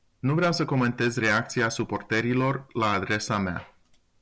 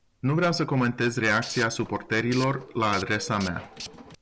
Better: first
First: none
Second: background sound (Tools); 16 dB below the speech

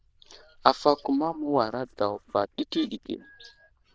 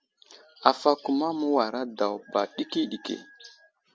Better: second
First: noise reduction (neural diffusion model UNIVERSE++)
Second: none

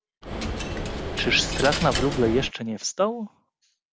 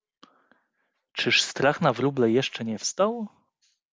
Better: second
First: background sound (Coin (dropping)); 3 dB below the speech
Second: none

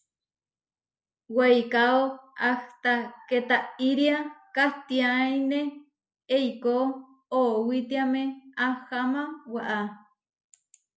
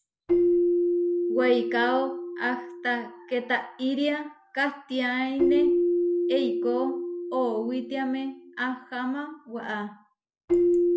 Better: first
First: none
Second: background sound (Keyboard (musical)); 2 dB above the speech

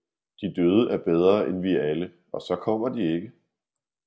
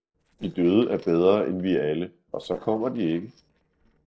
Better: first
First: none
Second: noise reduction (neural separator model SepFormer DNS4)

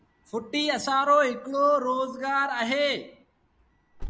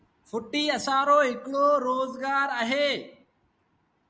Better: second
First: background sound (Alarm); 19 dB below the speech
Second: none

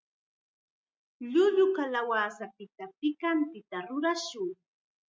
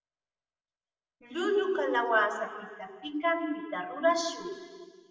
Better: first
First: none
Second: room echo; dies away in 1.8 s

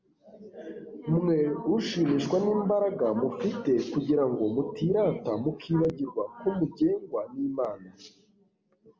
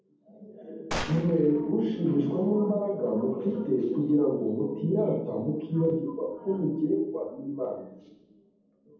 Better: first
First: none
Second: background sound (Gunshot, gunfire); 10 dB below the speech // room echo; dies away in 0.8 s

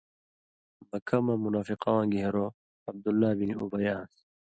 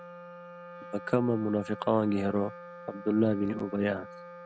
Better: first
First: none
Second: background sound (Wind instrument, woodwind instrument); 15 dB below the speech

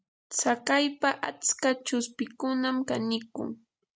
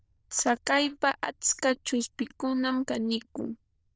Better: first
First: none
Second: noise reduction (neural diffusion model UNIVERSE++)

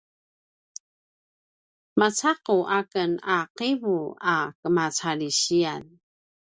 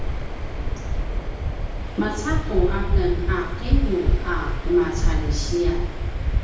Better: first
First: none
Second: background sound (Waves, surf); 4 dB above the speech // room echo; dies away in 0.9 s

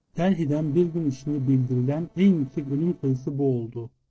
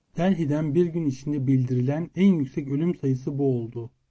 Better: second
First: noise reduction (neural separator model SepFormer DNS4)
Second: none

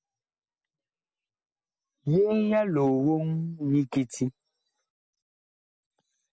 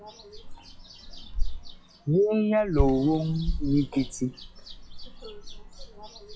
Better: first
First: none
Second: noise reduction (classical method log-MMSE)

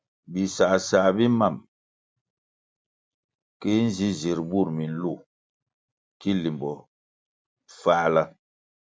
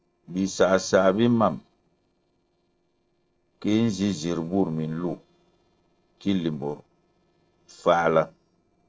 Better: first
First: none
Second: noise reduction (neural separator model SepFormer DNS4)

